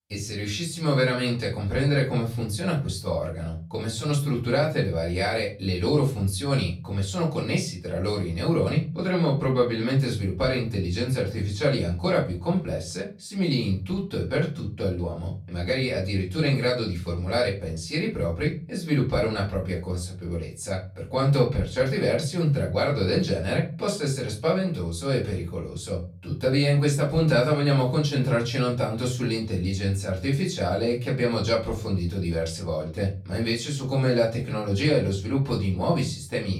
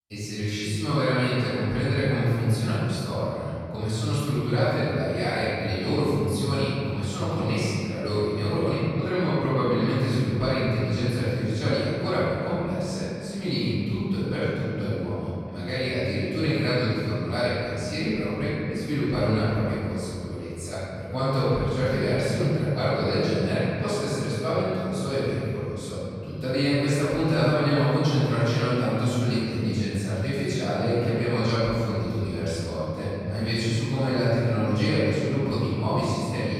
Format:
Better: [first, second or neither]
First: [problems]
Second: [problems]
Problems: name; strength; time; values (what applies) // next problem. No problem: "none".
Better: first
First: room echo; slight; dies away in 0.3 s // off-mic speech; far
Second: room echo; strong; dies away in 2.5 s // off-mic speech; far